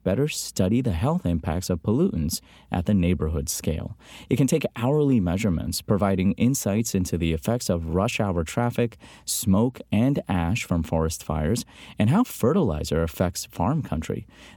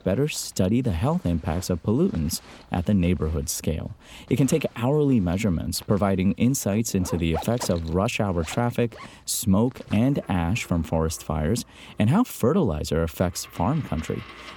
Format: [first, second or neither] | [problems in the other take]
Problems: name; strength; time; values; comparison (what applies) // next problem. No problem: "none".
first | household noises; noticeable; throughout; 20 dB below the speech